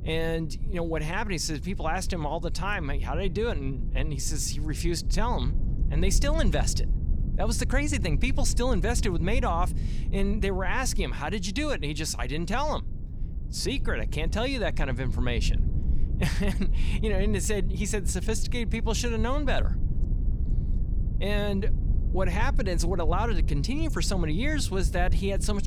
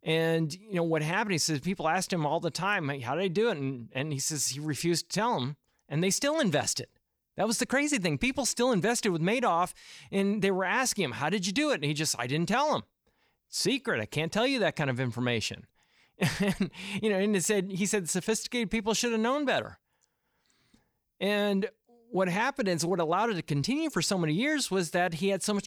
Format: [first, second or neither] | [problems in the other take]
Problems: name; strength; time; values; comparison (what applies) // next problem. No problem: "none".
second | low rumble; noticeable; throughout; 15 dB below the speech